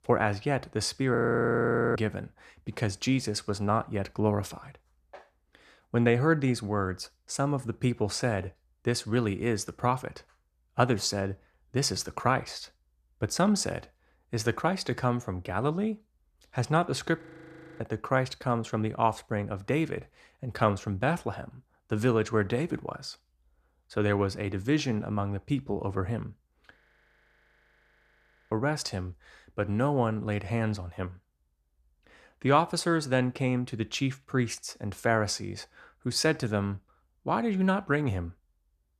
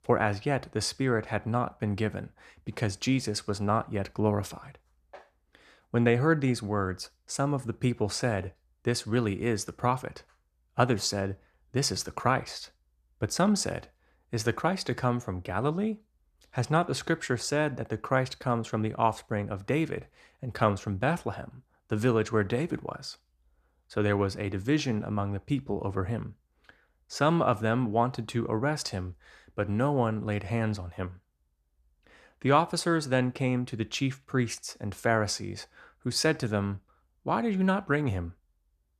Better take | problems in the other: second | audio freezing; at 1 s for 1 s, at 17 s for 0.5 s and at 27 s for 1.5 s

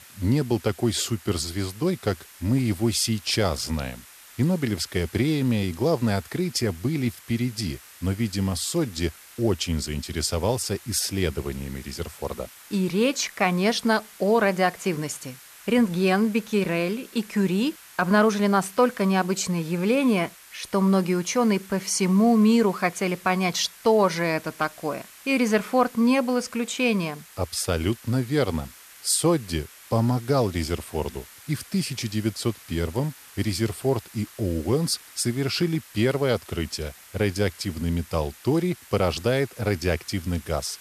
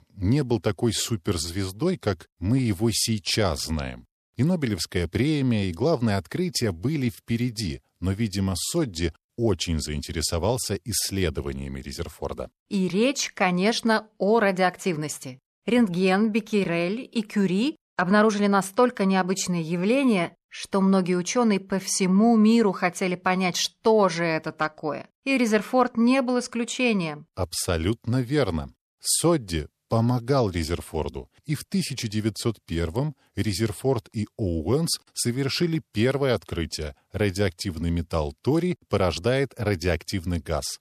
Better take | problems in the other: second | hiss; faint; throughout; 20 dB below the speech

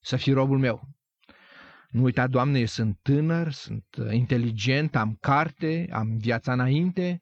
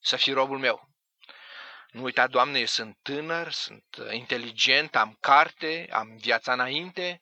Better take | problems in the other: first | thin; very; fading below 700 Hz

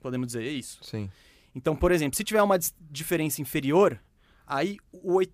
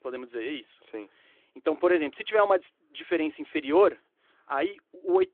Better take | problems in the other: first | phone-call audio

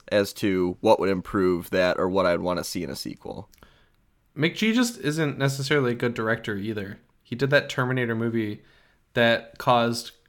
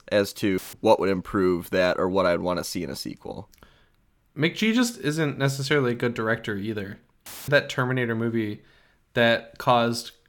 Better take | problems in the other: first | audio cutting out; filled with static; at 0.5 s and at 7.5 s

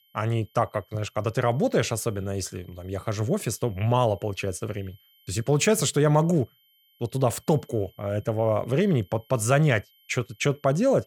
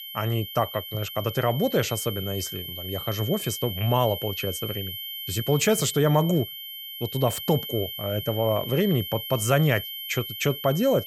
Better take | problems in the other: first | high-pitched whine; loud; throughout; 3 kHz, 7 dB below the speech; faint in the first

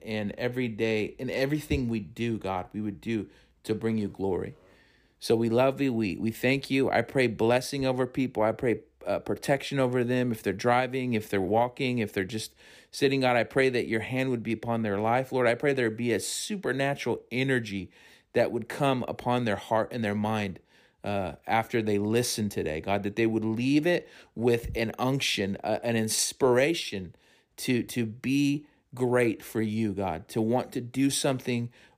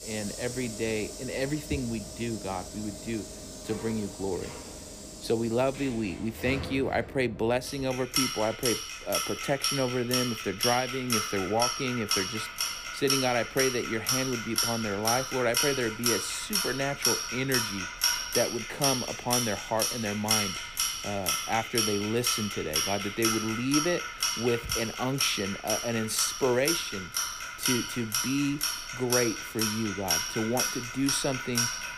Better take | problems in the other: first | household noises; very loud; throughout; 1 dB above the speech

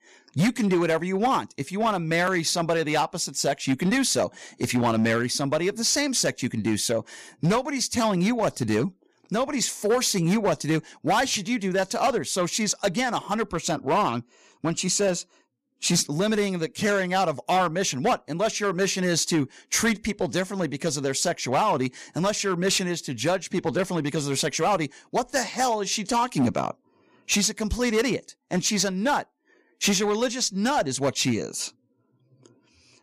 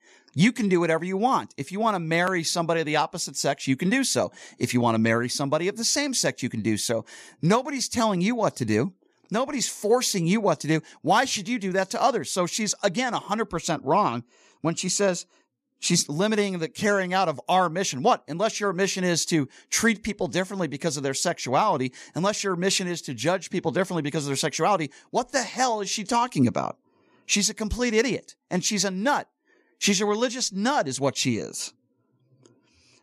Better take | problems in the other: second | distortion; slight; 6% of the sound clipped

